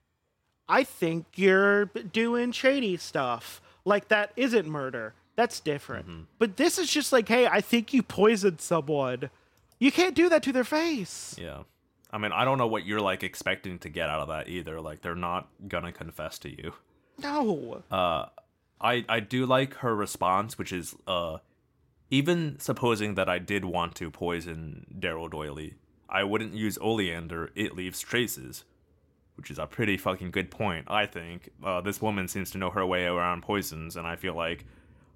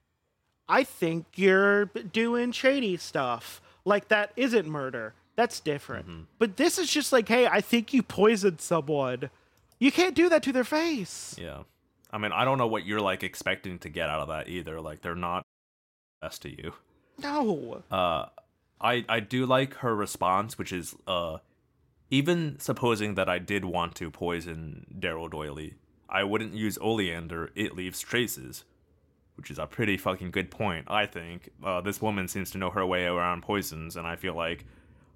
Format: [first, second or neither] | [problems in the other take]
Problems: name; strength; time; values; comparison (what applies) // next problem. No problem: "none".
first | audio cutting out; at 15 s for 1 s